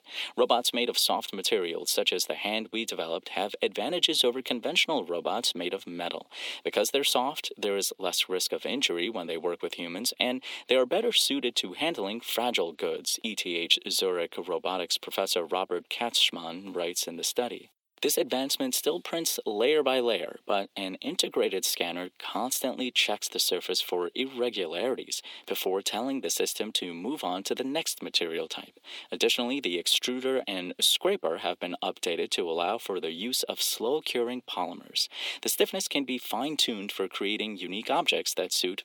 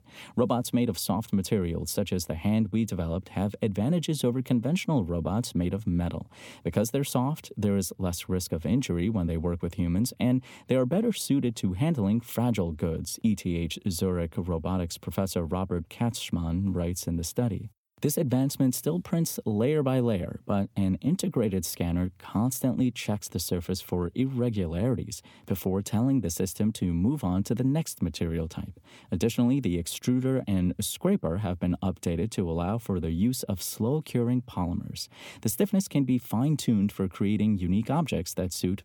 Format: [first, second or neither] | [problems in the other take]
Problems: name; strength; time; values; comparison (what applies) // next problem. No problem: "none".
second | thin; very; fading below 350 Hz